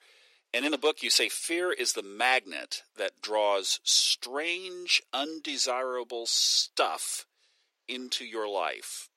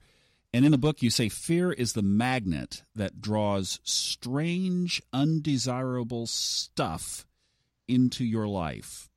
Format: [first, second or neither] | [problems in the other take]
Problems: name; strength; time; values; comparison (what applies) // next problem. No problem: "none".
second | thin; very; fading below 400 Hz